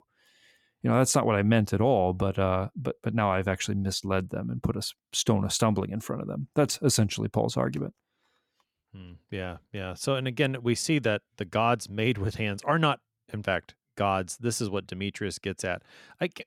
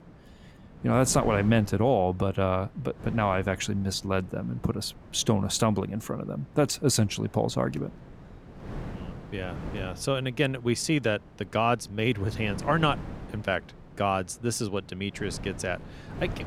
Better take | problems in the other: first | wind noise on the microphone; occasional gusts; 20 dB below the speech

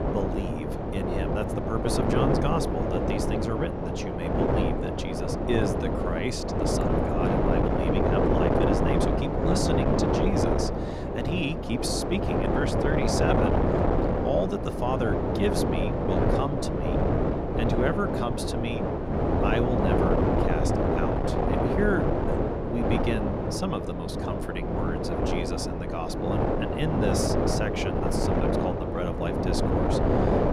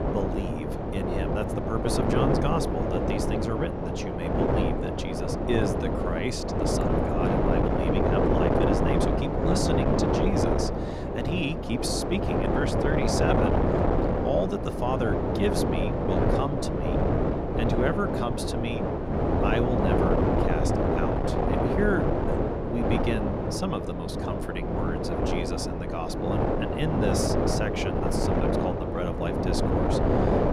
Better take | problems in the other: neither | wind noise on the microphone; heavy; 5 dB above the speech; the same in both

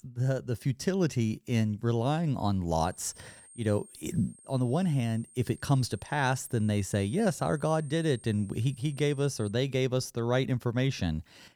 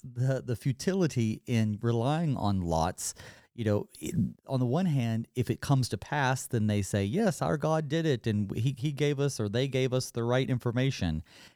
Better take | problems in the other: second | high-pitched whine; faint; from 3 to 9.5 s; 8.5 kHz, 20 dB below the speech

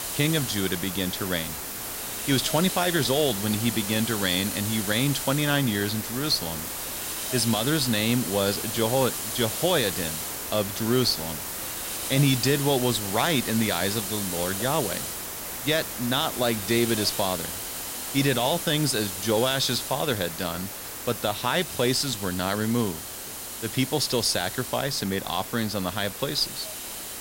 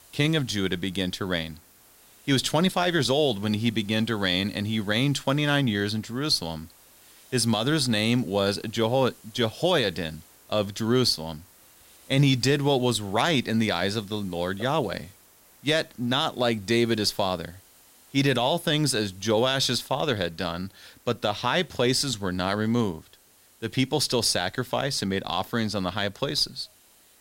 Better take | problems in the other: second | hiss; loud; throughout; 5 dB below the speech; faint in the second

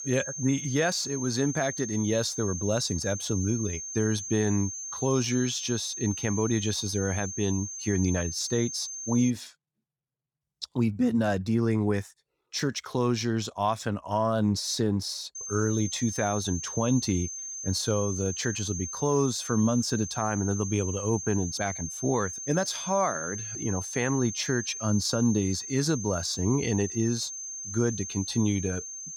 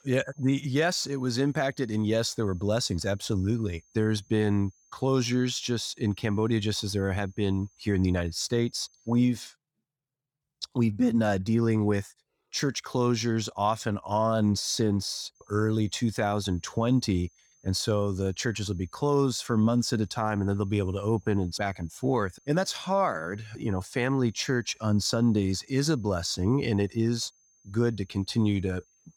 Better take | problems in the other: second | high-pitched whine; loud; until 9.5 s and from 15 s on; 6.5 kHz, 6 dB below the speech; faint in the second

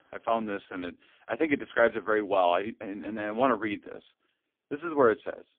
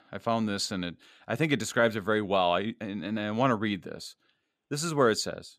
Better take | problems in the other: second | phone-call audio; poor line; nothing above 3.5 kHz

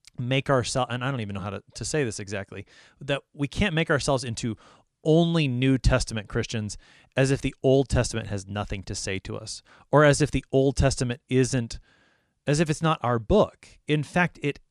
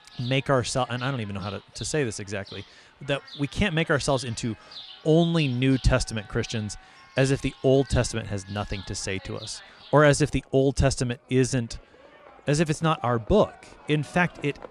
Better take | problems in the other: first | animal sounds; noticeable; throughout; 20 dB below the speech

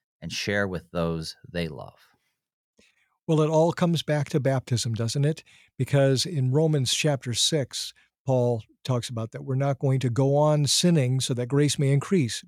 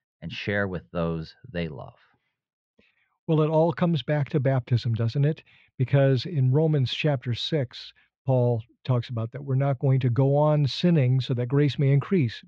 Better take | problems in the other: first | muffled; slightly; fading above 3.5 kHz

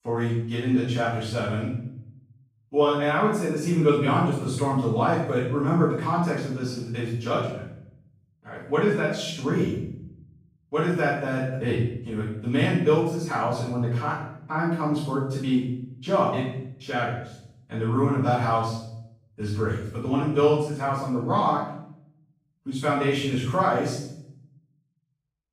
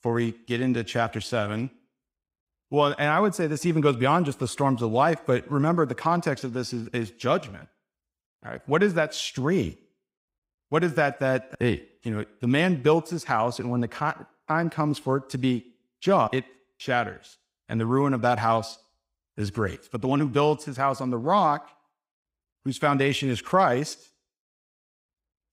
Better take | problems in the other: second | off-mic speech; far // room echo; strong; dies away in 0.7 s

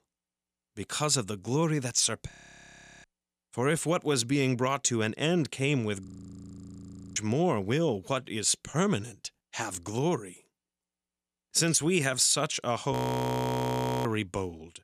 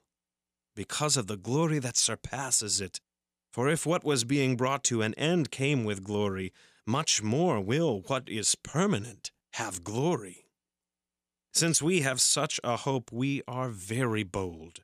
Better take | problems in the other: second | audio freezing; at 2.5 s for 0.5 s, at 6 s for 1 s and at 13 s for 1 s

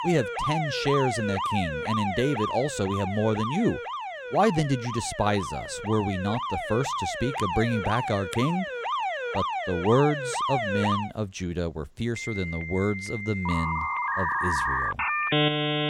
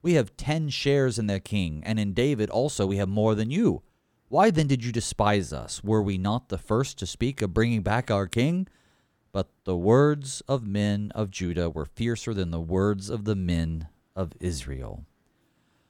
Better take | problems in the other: second | alarms or sirens; loud; throughout; 1 dB below the speech

